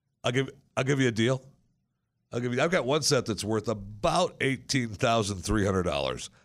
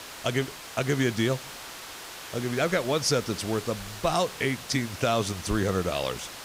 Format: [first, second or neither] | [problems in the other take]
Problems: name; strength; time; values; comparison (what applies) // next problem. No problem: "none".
first | hiss; noticeable; throughout; 10 dB below the speech